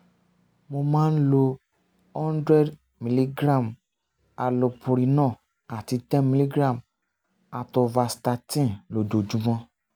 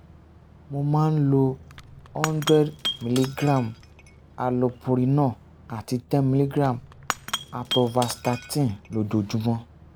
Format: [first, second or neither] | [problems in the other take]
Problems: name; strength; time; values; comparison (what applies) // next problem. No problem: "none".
first | background sound (Shatter / Crushing); 13 dB below the speech